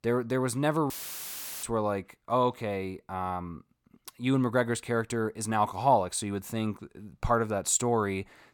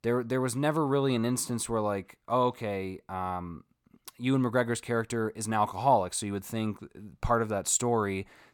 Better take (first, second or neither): second